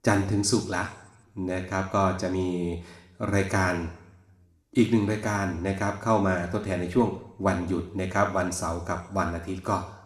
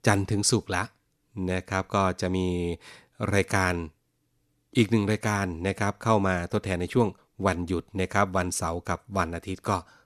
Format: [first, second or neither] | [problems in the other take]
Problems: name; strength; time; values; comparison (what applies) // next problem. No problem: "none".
second | room echo; slight; dies away in 0.7 s